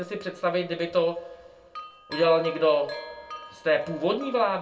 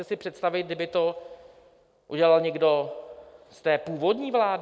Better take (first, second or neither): second